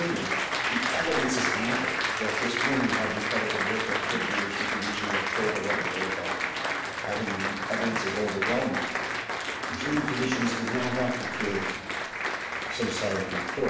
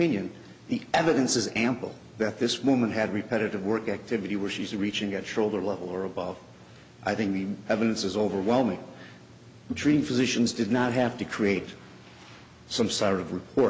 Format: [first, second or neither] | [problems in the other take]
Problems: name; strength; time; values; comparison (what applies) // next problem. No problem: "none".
second | background sound (Applause); 2 dB above the speech // room echo; dies away in 0.8 s